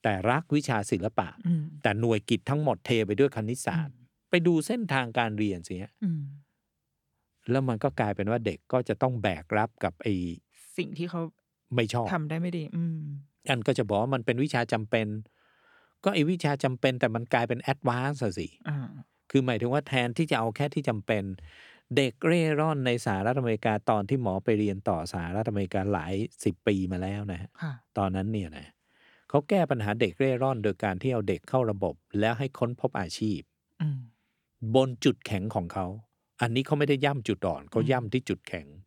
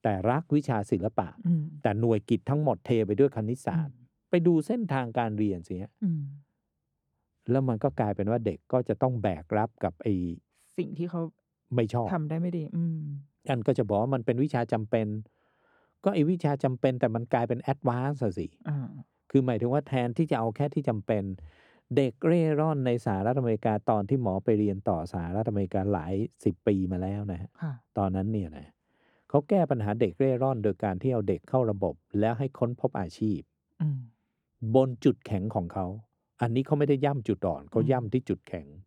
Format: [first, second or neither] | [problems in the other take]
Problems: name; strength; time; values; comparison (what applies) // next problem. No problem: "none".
first | muffled; slightly; fading above 1.5 kHz